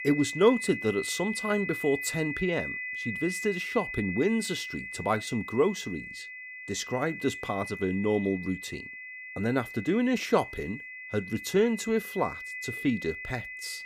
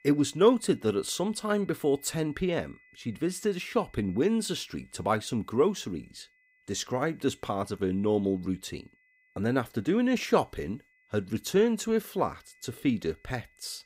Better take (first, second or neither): second